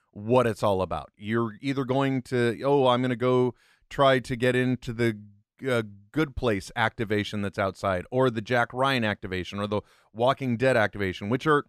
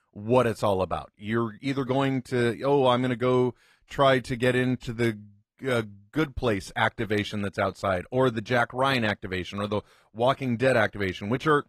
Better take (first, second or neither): first